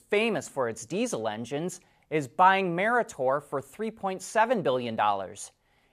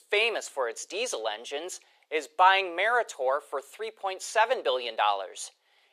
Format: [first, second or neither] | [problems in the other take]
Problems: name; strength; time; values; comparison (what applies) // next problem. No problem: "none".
first | thin; very; fading below 400 Hz